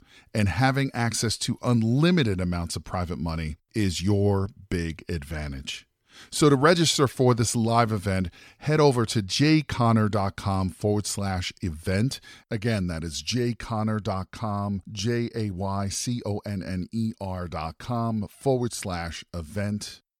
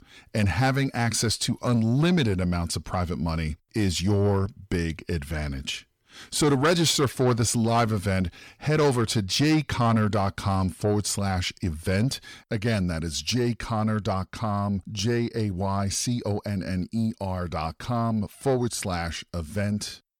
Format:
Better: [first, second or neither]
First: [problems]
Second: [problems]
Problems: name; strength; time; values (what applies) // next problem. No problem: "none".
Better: first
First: none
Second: distortion; slight; 10 dB below the speech